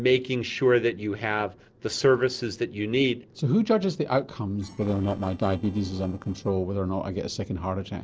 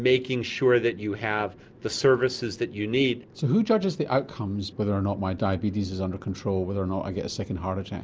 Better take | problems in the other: second | noise reduction (neural separator model SepFormer DNS4)

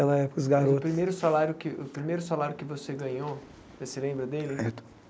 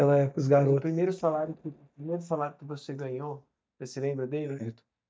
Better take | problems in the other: first | noise reduction (neural mask model DeepFilterNet 3)

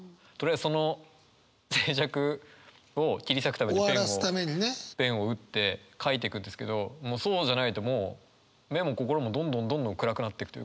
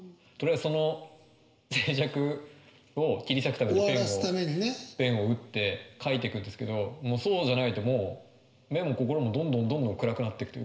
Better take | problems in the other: first | room echo; dies away in 2.1 s

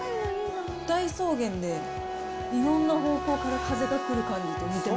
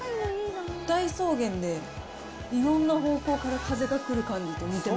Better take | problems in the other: second | background sound (Wind instrument, woodwind instrument); 6 dB below the speech

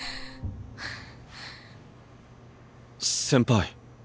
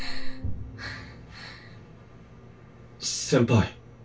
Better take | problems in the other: first | room echo; dies away in 0.2 s

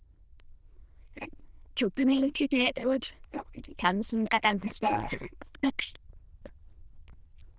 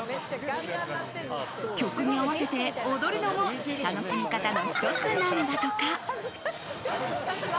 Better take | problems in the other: second | noise reduction (neural diffusion model UNIVERSE++)

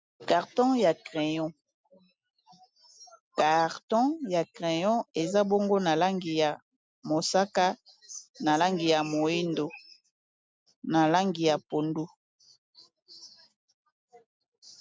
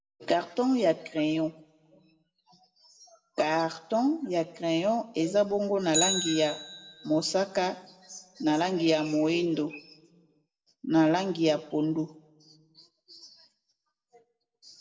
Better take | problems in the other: first | background sound (Bicycle); 13 dB below the speech // room echo; dies away in 0.8 s

